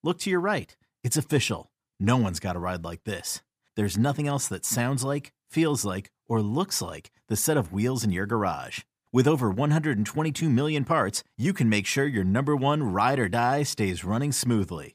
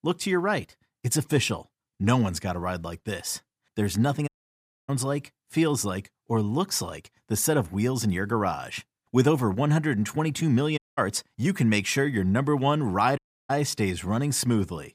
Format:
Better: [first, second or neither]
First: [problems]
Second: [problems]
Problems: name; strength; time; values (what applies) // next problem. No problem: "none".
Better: first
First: none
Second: audio cutting out; at 4.5 s for 0.5 s, at 11 s and at 13 s